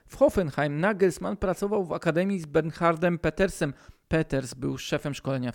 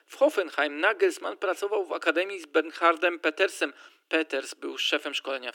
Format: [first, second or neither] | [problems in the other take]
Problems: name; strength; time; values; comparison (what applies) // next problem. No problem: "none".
first | thin; very; fading below 300 Hz